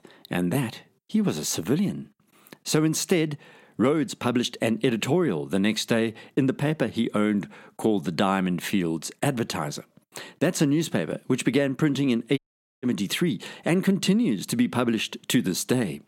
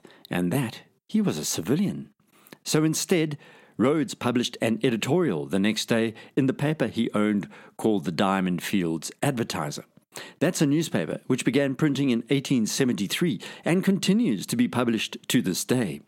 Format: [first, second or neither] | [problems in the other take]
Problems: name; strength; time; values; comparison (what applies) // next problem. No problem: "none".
second | audio cutting out; at 12 s